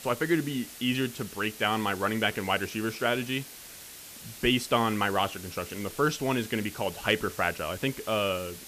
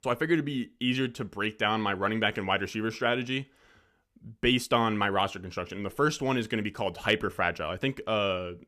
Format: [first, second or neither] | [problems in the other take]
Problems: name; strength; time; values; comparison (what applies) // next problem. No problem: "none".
second | hiss; noticeable; throughout; 15 dB below the speech